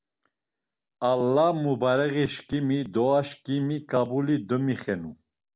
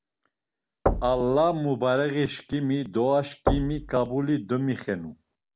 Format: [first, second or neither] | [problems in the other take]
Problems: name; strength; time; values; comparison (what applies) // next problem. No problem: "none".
first | background sound (Knock / Wood / Percussion); 6 dB below the speech